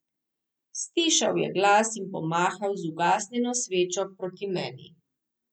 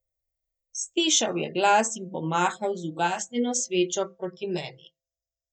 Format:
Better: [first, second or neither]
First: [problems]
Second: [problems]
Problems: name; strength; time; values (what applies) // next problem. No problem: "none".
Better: first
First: none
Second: noise reduction (neural mask model DeepFilterNet 3)